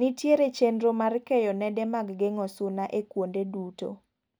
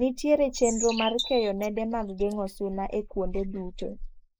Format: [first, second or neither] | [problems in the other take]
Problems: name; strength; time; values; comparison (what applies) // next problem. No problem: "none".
first | noise reduction (neural mask model Resemble Enhance denoiser)